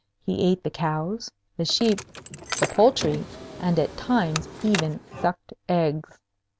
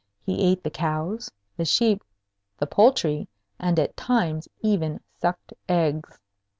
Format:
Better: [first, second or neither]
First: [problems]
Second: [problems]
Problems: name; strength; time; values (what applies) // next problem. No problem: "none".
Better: second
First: background sound (Car); 9 dB below the speech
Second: none